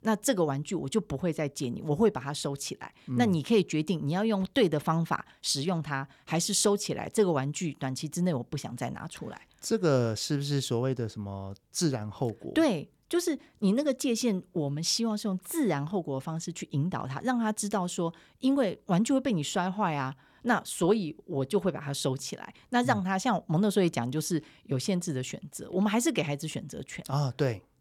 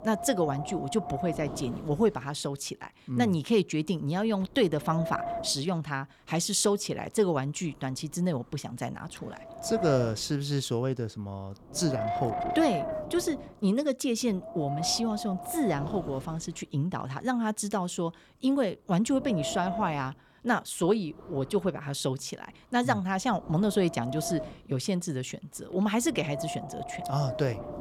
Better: first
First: none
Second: wind noise on the microphone; heavy; 4 dB below the speech

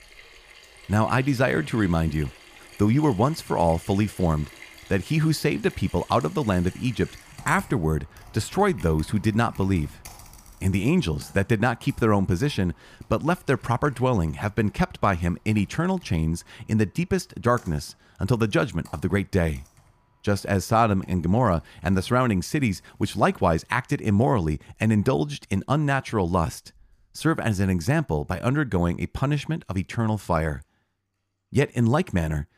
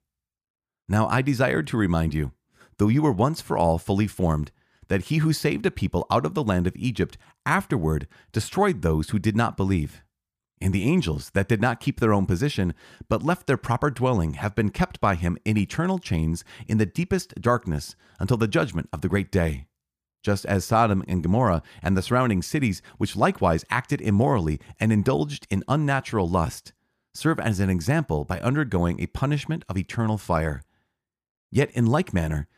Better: second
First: household noises; faint; throughout; 25 dB below the speech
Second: none

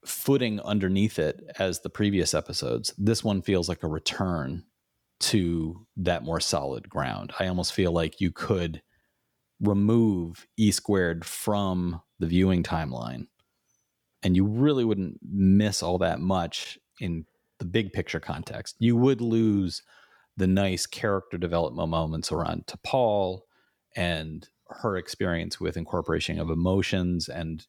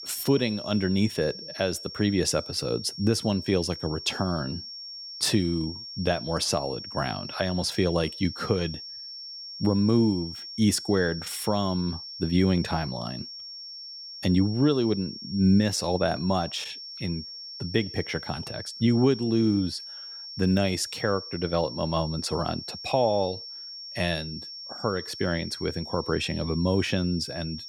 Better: first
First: none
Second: high-pitched whine; noticeable; throughout; 5.5 kHz, 10 dB below the speech

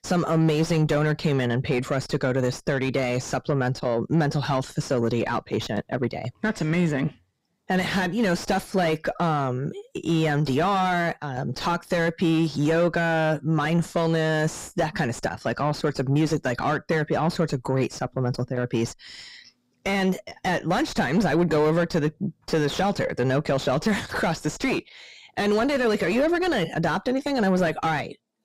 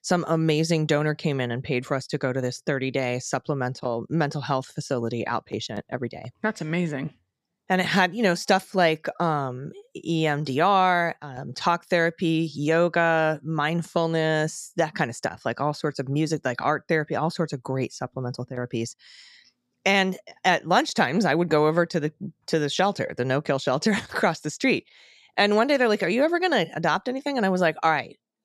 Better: second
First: distortion; heavy; 5 dB below the speech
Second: none

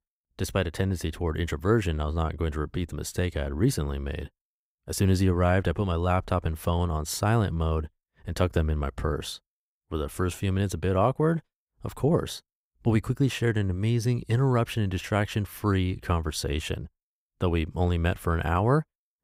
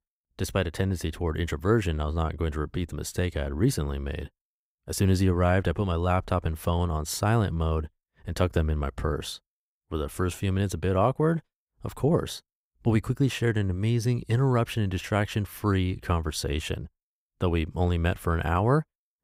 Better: neither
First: none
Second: none

